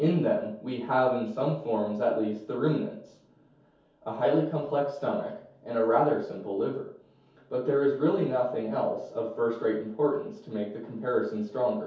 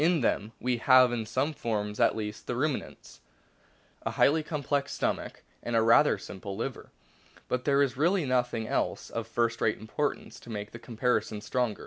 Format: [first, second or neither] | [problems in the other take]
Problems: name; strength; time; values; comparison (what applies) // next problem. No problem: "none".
second | room echo; dies away in 0.6 s